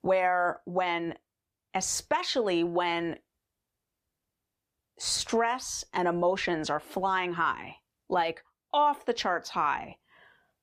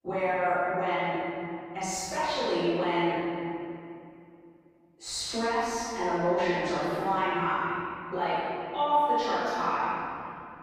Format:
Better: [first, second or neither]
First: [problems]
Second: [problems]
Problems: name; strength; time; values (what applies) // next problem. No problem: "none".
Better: first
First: none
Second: off-mic speech; far // room echo; strong; dies away in 2.5 s